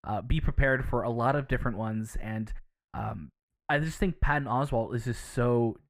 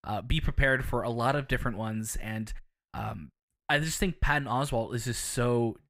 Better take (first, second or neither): second